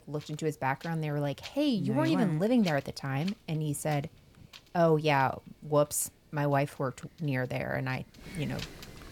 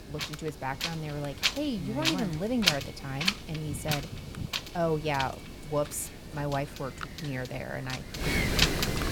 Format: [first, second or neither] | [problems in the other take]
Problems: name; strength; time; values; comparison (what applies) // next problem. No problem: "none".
first | wind noise on the microphone; heavy; 4 dB above the speech; occasional gusts in the first